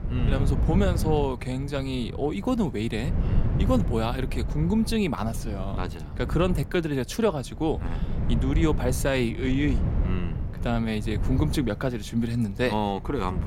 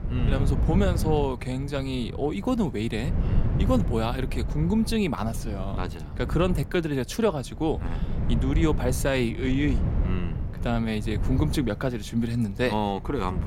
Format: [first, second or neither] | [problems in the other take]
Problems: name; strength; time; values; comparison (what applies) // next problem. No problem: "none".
neither | wind noise on the microphone; occasional gusts; 10 dB below the speech; the same in both